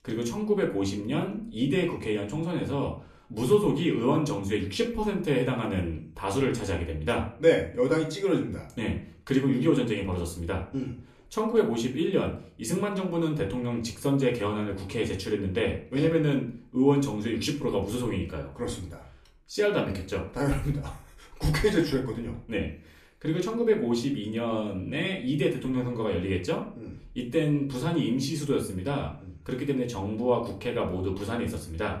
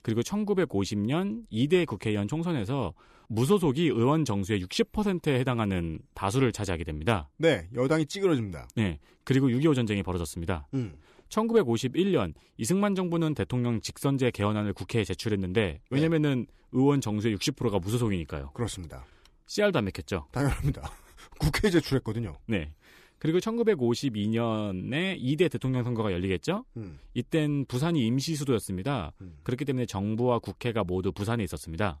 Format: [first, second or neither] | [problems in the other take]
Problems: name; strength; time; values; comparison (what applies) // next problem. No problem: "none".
second | room echo; slight; dies away in 0.4 s // off-mic speech; somewhat distant